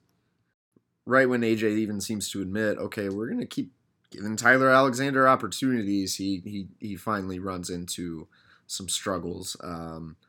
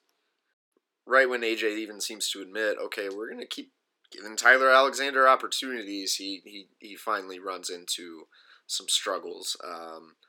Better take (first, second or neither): first